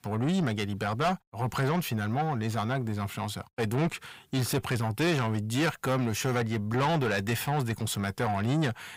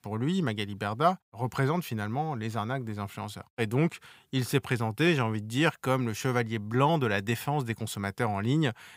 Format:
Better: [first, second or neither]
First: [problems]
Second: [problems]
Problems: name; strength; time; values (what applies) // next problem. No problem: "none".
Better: second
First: distortion; heavy; 7 dB below the speech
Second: none